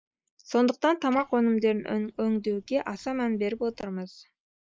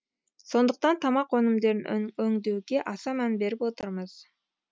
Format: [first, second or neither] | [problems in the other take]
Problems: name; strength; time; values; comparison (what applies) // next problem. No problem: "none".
second | noise reduction (neural mask model Resemble Enhance denoiser)